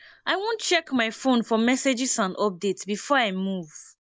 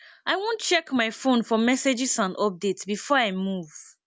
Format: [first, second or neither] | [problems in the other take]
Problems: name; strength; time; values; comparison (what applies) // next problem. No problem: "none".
second | noise reduction (neural mask model Resemble Enhance denoiser)